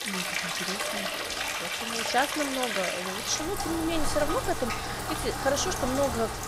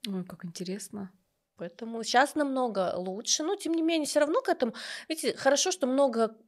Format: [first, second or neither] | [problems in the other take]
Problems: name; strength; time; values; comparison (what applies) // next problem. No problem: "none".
second | rain or running water; very loud; throughout; as loud as the speech